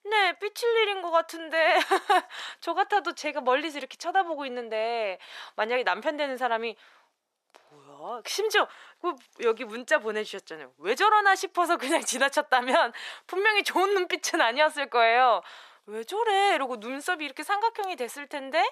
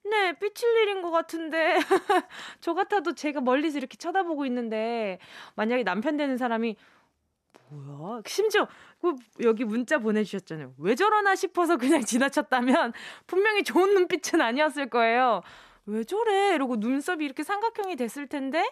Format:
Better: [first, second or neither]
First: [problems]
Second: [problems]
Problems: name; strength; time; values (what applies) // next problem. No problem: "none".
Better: second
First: thin; somewhat; fading below 600 Hz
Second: none